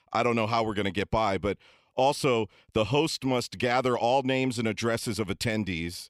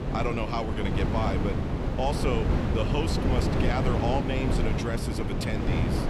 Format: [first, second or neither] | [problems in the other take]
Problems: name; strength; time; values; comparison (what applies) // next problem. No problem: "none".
first | wind noise on the microphone; heavy; 1 dB below the speech